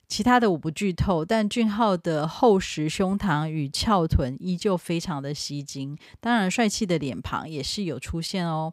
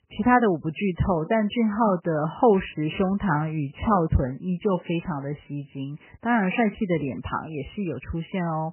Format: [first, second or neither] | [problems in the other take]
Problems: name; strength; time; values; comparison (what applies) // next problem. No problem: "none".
first | garbled, watery; badly; nothing above 3 kHz